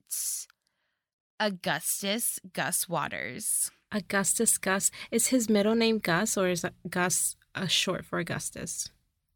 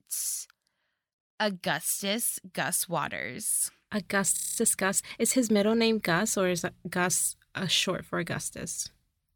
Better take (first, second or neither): first